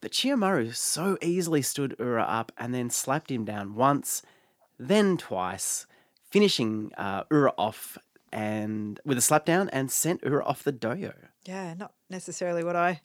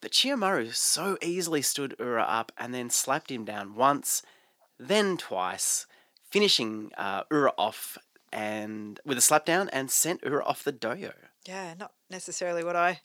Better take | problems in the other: first | thin; very slightly; fading below 1 kHz

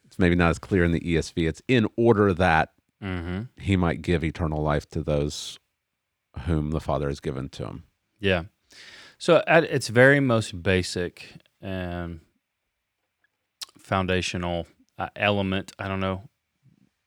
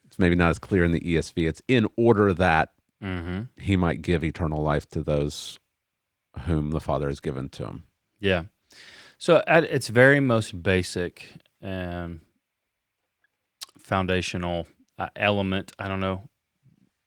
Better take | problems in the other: first | garbled, watery; slightly; nothing above 19 kHz

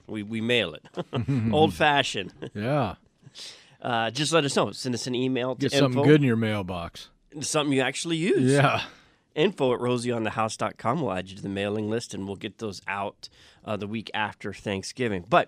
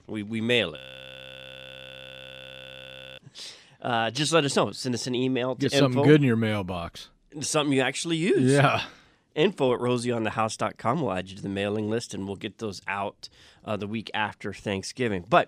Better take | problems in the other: first | audio freezing; at 1 s for 2.5 s

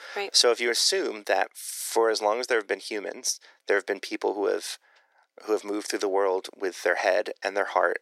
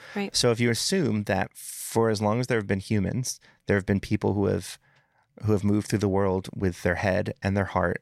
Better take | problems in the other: second | thin; very; fading below 350 Hz

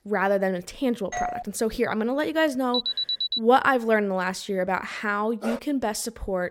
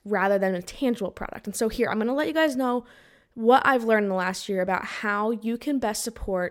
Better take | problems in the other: second | doorbell; noticeable; at 1 s; peak 5 dB below the speech // alarm; loud; at 2.5 s; peak 1 dB above the speech // dog barking; noticeable; at 5.5 s; peak 10 dB below the speech

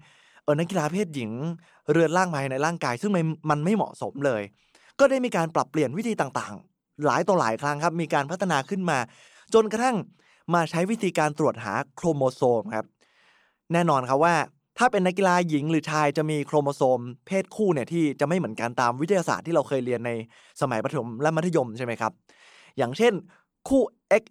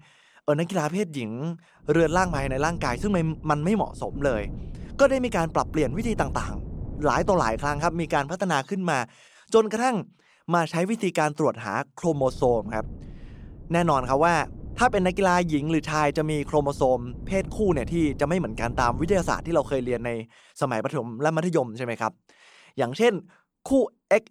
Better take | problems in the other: first | wind noise on the microphone; occasional gusts; from 2 to 8.5 s and from 12 to 20 s; 25 dB below the speech

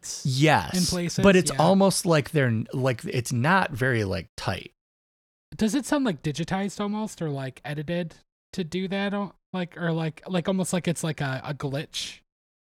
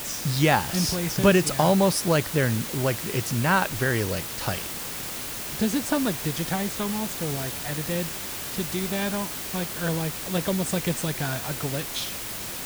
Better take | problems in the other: first | hiss; loud; throughout; 5 dB below the speech

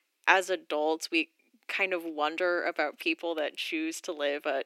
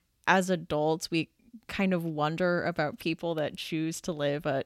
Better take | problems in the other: second | thin; very; fading below 300 Hz

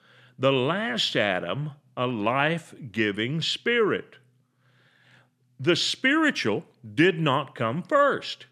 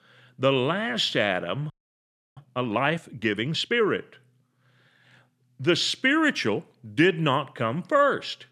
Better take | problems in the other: first | audio freezing; at 1.5 s for 0.5 s

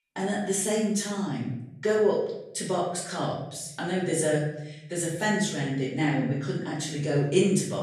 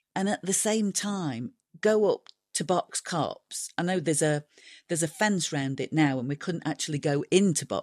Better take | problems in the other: second | off-mic speech; far // room echo; noticeable; dies away in 0.8 s

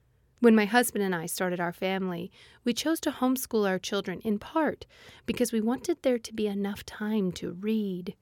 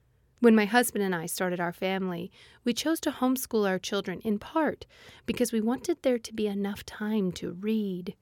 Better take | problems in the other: neither | none

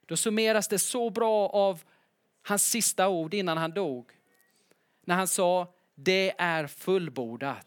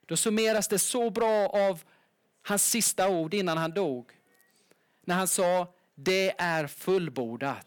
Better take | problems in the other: first | distortion; slight; 6% of the sound clipped

